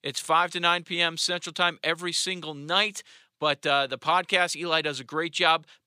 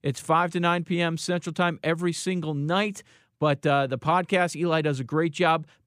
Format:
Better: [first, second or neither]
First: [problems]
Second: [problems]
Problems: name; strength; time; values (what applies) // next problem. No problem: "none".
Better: second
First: thin; somewhat; fading below 1 kHz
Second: none